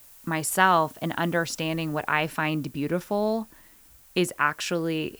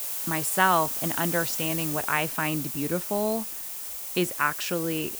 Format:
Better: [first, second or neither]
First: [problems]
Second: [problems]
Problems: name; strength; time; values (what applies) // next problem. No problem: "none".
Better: first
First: hiss; faint; throughout; 25 dB below the speech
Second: hiss; loud; throughout; 2 dB below the speech